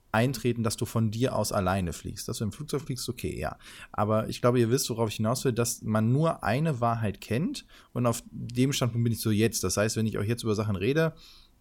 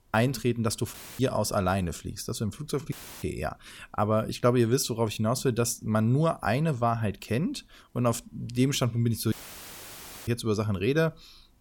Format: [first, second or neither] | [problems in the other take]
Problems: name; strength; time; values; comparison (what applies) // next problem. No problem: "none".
first | audio cutting out; filled with static; at 1 s, at 3 s and at 9.5 s for 1 s